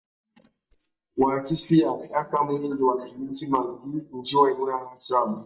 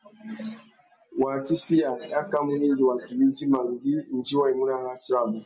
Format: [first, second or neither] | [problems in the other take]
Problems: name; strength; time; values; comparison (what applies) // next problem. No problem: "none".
second | noise reduction (neural mask model DeepFilterNet 3)